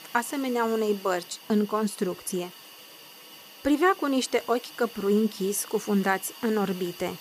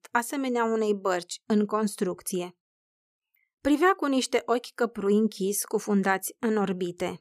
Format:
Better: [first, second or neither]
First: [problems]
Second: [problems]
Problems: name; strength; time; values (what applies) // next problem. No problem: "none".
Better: second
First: hiss; noticeable; throughout; 15 dB below the speech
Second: none